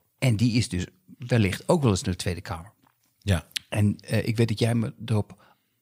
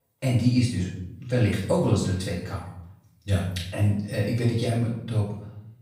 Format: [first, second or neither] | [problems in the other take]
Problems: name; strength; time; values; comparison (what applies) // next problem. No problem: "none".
first | off-mic speech; far // room echo; noticeable; dies away in 0.6 s